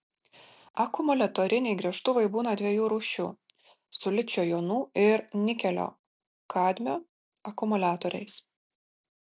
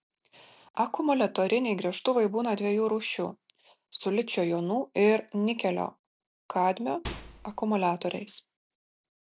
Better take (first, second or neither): first